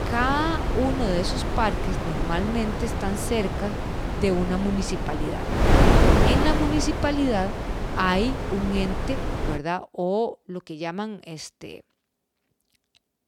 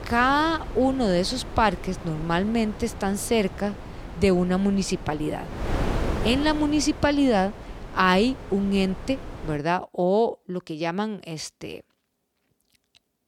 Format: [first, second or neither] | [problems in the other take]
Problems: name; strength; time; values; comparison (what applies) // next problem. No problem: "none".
second | wind noise on the microphone; heavy; until 9.5 s; 1 dB below the speech; occasional gusts in the second